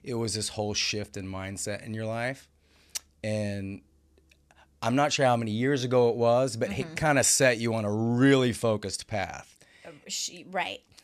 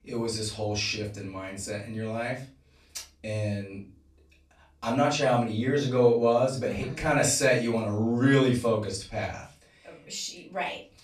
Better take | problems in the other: first | off-mic speech; far // room echo; slight; dies away in 0.3 s

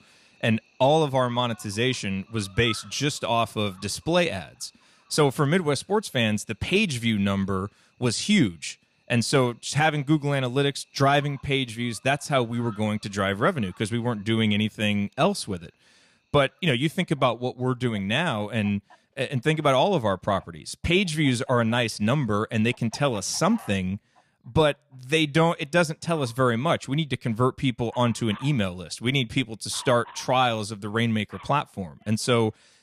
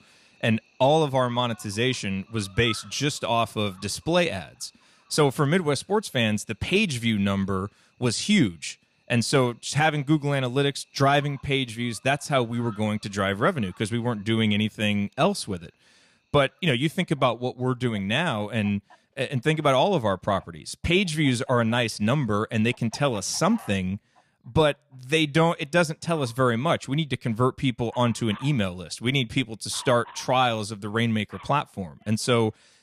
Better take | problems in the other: neither | animal sounds; faint; throughout; 25 dB below the speech; the same in both

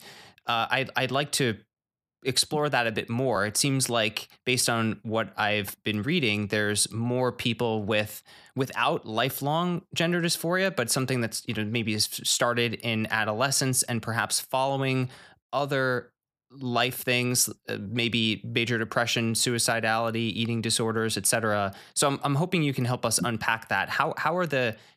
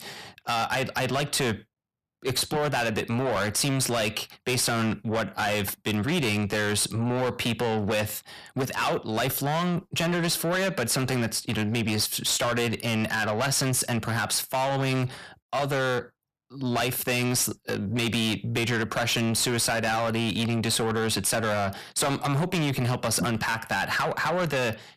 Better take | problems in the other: first | distortion; heavy; 6 dB below the speech

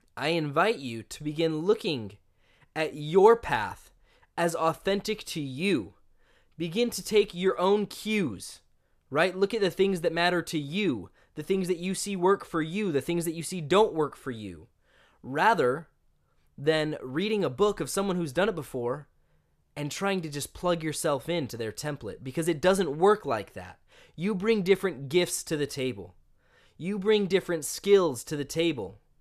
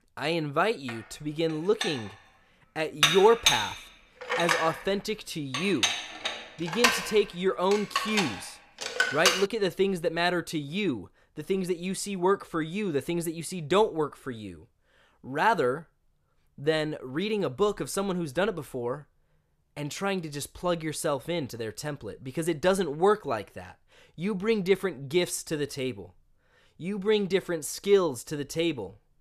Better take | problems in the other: first | clattering dishes; loud; from 1 to 9.5 s; peak 6 dB above the speech

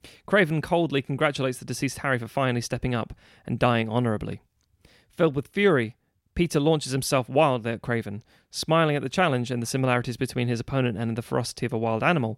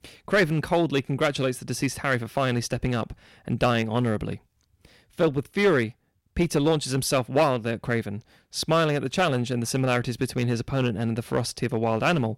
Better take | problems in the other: first | distortion; slight; 4% of the sound clipped

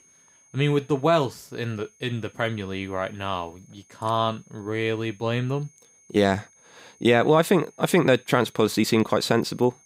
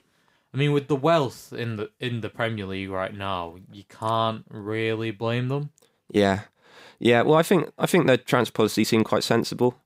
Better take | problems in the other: second | high-pitched whine; faint; throughout; 6.5 kHz, 30 dB below the speech

